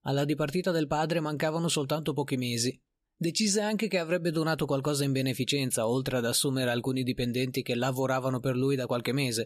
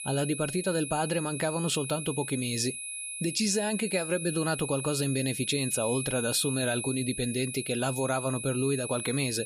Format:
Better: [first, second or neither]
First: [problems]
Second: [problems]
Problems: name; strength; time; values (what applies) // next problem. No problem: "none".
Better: first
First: none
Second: high-pitched whine; loud; throughout; 10.5 kHz, 5 dB below the speech